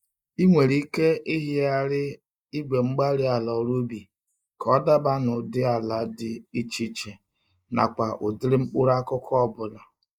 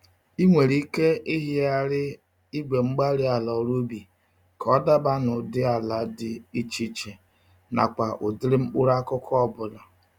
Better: second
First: noise reduction (neural mask model Resemble Enhance denoiser)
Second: none

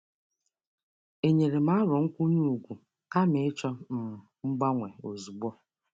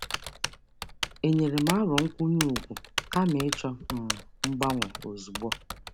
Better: first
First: none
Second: background sound (Typing); 7 dB below the speech

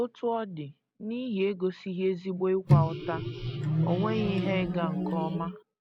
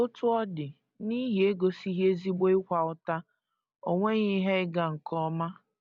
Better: second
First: background sound (Microwave oven); 3 dB above the speech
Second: none

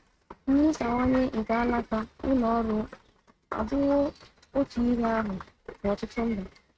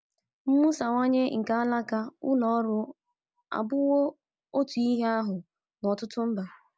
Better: second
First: noise reduction (neural mask model RNNoise)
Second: none

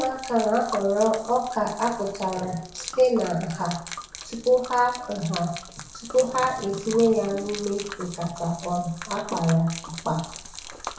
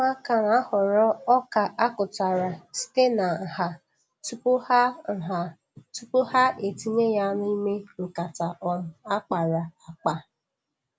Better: second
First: background sound (Gurgling / Liquid); 13 dB below the speech // room echo; dies away in 0.6 s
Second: none

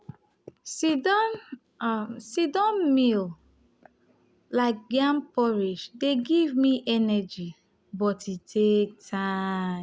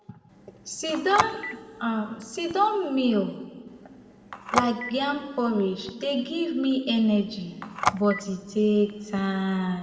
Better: first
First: none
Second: background sound (Telephone); 7 dB below the speech // room echo; dies away in 1.7 s

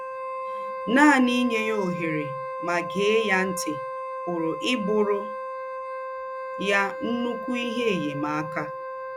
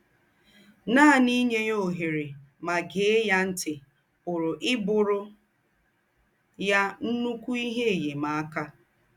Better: second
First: background sound (Wind instrument, woodwind instrument); 7 dB below the speech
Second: none

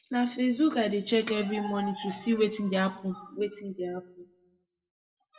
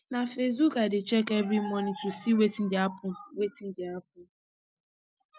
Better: second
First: room echo; dies away in 0.5 s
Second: none

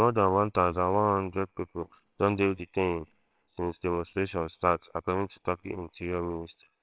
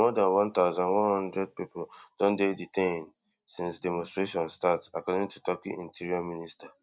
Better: second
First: noise reduction (neural separator model SepFormer WHAMR!)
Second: none

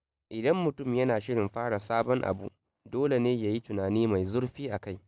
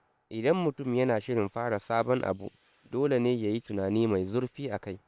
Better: first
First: none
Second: noise reduction (neural separator model SepFormer WHAM!)

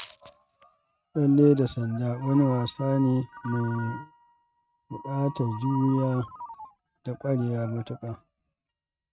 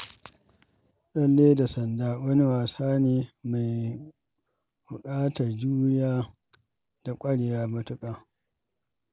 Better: second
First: noise reduction (neural mask model RNNoise)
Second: none

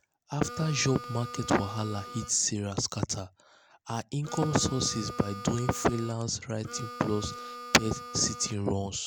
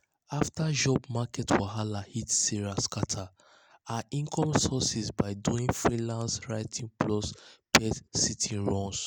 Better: second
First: background sound (Harmonica); 12 dB below the speech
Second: none

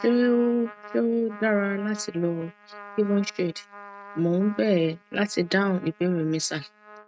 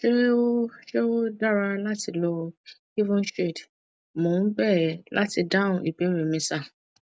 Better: second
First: noise reduction (neural mask model RNNoise)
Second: none

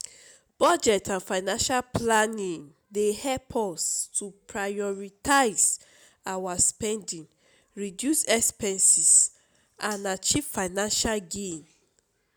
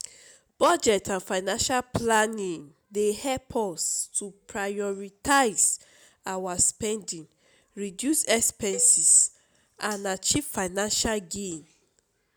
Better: first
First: none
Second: background sound (Cowbell); 19 dB below the speech

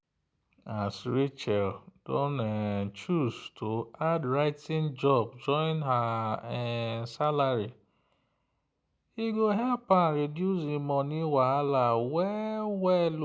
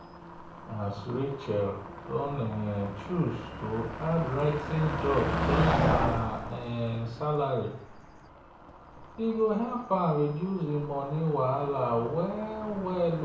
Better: first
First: none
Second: background sound (Motor vehicle (road)); 5 dB below the speech // room echo; dies away in 0.6 s

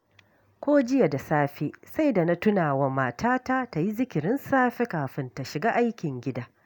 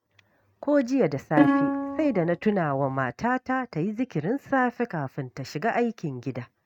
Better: first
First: none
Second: noise reduction (neural mask model RNNoise)

